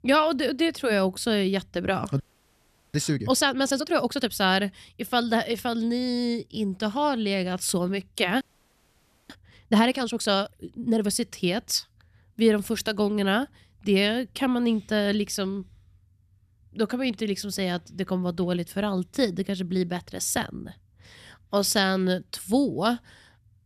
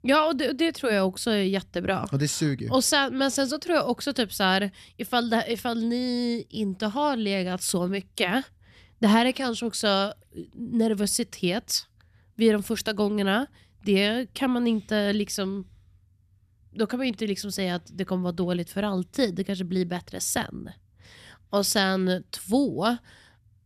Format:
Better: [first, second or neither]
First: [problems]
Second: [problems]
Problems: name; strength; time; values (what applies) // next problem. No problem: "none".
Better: second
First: audio freezing; at 2 s for 0.5 s and at 8.5 s for 1 s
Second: none